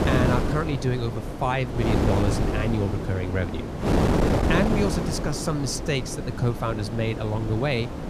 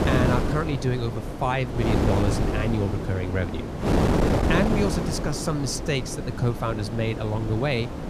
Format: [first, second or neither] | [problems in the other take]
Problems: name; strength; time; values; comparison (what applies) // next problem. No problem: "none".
neither | wind noise on the microphone; heavy; 1 dB below the speech; the same in both